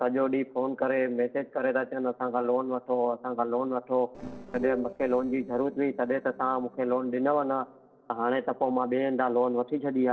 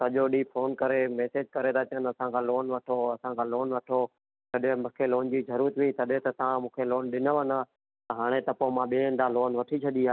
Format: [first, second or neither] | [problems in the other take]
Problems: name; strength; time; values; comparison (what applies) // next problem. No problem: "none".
second | noise reduction (neural separator model SepFormer DNS4)